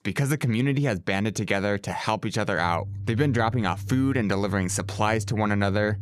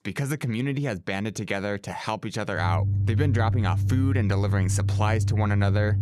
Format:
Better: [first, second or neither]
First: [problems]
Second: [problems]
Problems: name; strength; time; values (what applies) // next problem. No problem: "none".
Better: first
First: low rumble; faint; from 2.5 s on; 25 dB below the speech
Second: low rumble; loud; from 2.5 s on; 10 dB below the speech